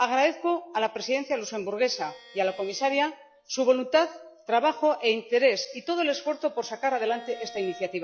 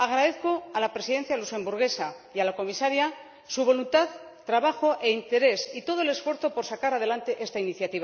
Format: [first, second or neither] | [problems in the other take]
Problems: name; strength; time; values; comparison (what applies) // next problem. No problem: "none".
second | noise reduction (classical method log-MMSE)